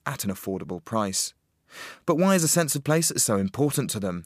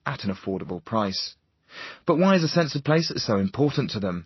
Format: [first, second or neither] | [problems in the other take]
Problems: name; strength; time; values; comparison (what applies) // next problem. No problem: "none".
first | garbled, watery; slightly; nothing above 6 kHz